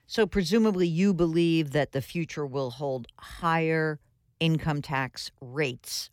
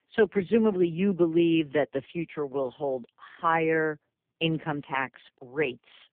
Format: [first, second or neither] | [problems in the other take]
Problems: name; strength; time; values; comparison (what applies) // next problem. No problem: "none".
first | phone-call audio; poor line